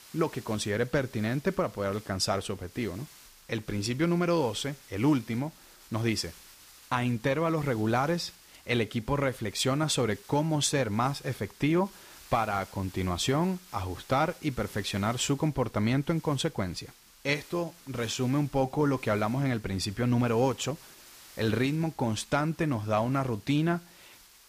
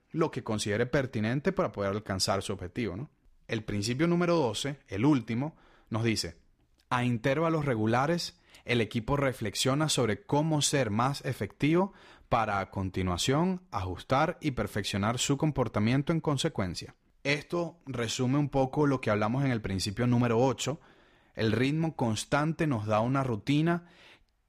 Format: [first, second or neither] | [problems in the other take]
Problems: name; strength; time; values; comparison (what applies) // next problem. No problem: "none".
second | hiss; faint; throughout; 20 dB below the speech